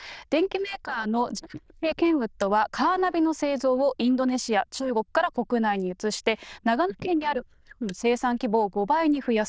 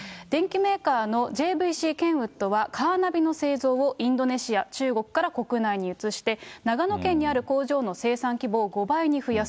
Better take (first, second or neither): second